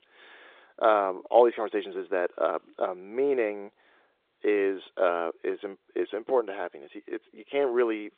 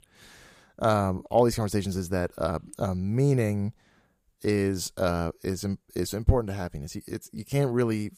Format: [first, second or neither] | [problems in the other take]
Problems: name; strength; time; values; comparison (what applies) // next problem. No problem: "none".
second | phone-call audio; nothing above 3.5 kHz